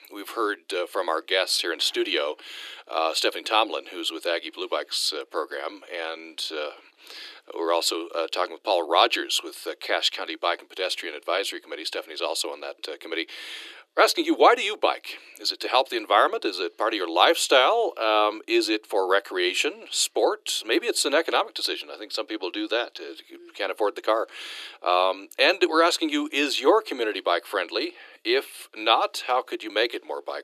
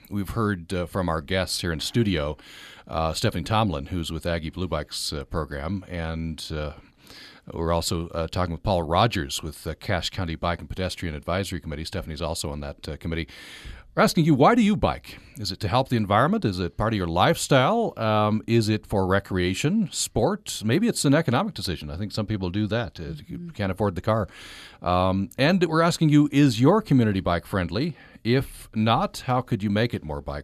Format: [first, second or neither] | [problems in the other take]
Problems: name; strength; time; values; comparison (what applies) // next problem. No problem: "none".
second | thin; very; fading below 300 Hz